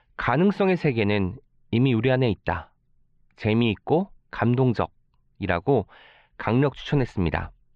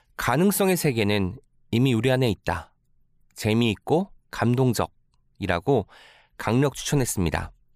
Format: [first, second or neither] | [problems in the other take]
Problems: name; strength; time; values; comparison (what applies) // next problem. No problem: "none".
second | muffled; very; fading above 3.5 kHz